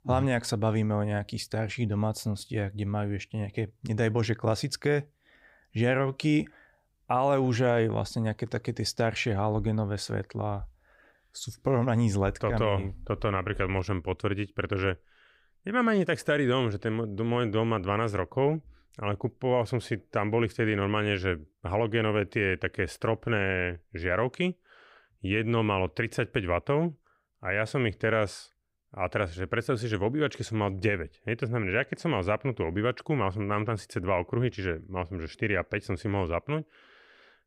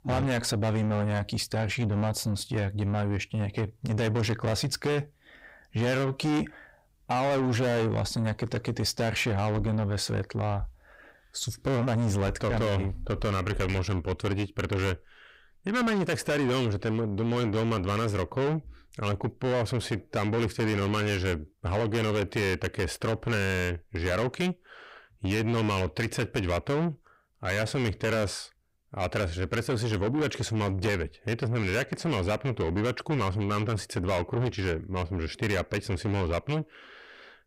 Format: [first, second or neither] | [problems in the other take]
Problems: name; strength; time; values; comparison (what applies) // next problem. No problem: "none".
first | distortion; heavy; 7 dB below the speech